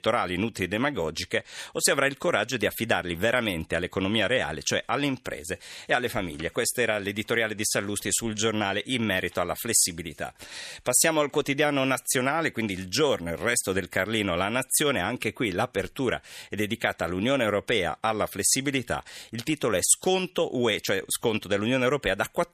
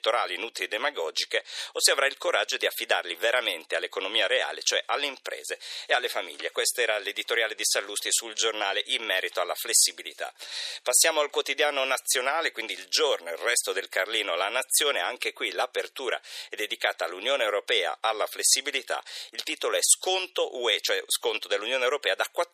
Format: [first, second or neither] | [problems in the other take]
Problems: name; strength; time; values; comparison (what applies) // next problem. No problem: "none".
first | thin; very; fading below 400 Hz